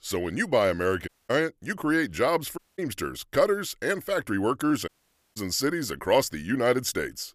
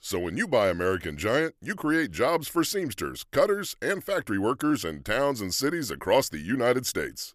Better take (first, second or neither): second